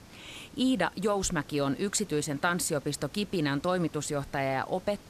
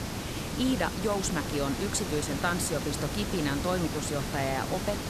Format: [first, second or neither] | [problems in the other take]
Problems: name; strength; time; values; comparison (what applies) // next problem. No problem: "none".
first | hiss; loud; throughout; 3 dB below the speech; faint in the first